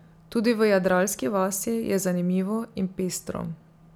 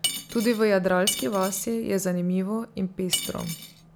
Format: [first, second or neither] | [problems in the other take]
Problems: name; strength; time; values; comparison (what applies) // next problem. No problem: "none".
first | background sound (Cutlery, silverware / Dishes, pots, and pans); 6 dB below the speech